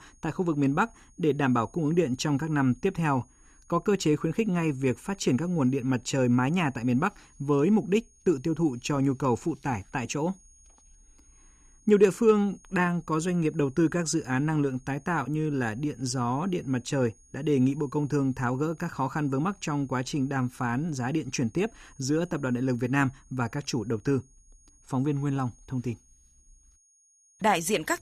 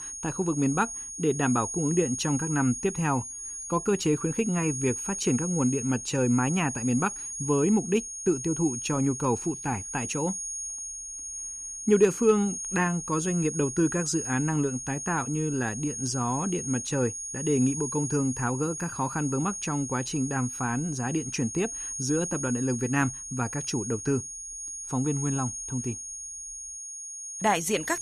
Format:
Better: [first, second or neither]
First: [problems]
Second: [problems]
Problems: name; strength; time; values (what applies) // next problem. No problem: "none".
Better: first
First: high-pitched whine; faint; throughout; 6.5 kHz, 30 dB below the speech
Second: high-pitched whine; loud; throughout; 6.5 kHz, 6 dB below the speech